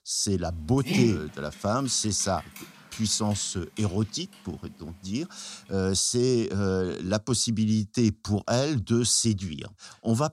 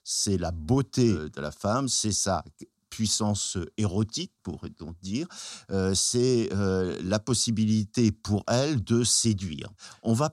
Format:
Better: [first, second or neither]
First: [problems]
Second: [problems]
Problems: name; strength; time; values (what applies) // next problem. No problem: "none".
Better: second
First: dog barking; noticeable; from 1 to 2.5 s; peak 1 dB below the speech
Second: none